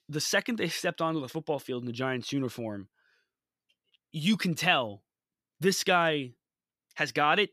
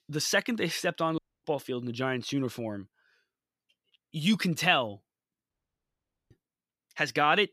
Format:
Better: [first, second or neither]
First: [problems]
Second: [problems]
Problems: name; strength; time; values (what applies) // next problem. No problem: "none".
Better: first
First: none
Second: audio cutting out; at 1 s and at 5.5 s for 1 s